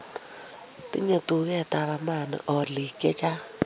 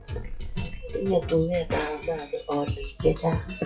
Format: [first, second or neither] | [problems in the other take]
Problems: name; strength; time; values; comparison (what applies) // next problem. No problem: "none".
first | noise reduction (classical method WPE with log-MMSE)